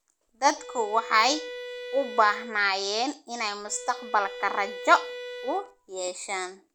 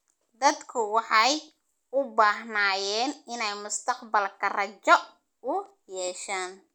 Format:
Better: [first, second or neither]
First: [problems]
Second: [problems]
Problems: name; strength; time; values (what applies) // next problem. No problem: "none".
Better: second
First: background sound (Bowed string instrument); 12 dB below the speech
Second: none